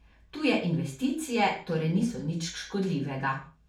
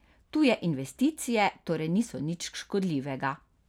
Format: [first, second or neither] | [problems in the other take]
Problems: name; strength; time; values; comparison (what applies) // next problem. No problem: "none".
second | room echo; dies away in 0.4 s